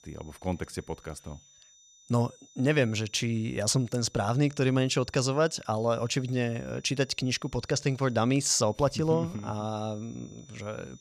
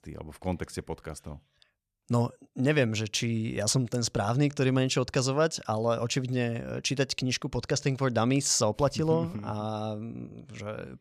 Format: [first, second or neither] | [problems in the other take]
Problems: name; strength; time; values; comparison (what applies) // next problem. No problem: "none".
second | high-pitched whine; faint; throughout; 6 kHz, 25 dB below the speech